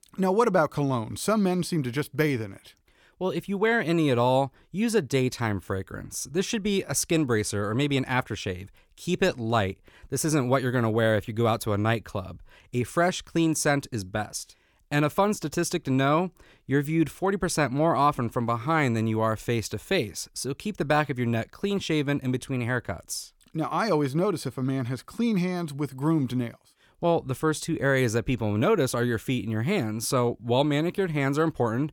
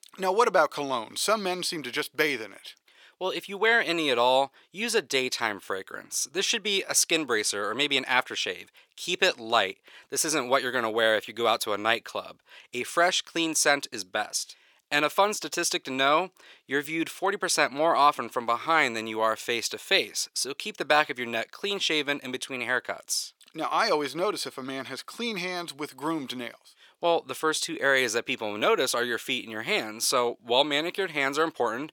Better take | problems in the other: first | thin; somewhat; fading below 450 Hz

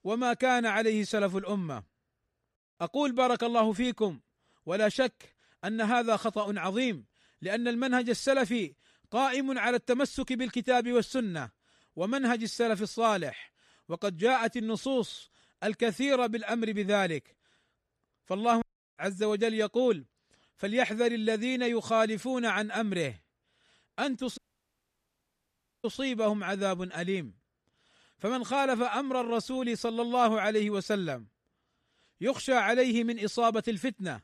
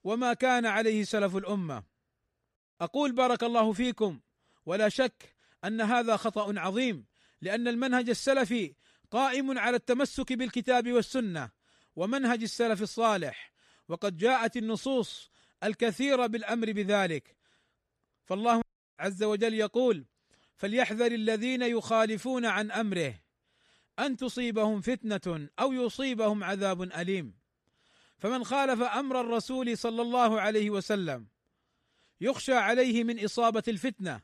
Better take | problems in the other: second | audio cutting out; at 24 s for 1.5 s

